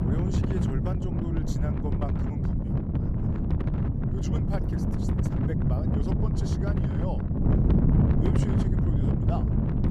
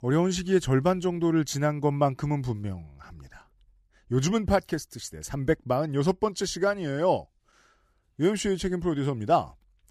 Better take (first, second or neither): second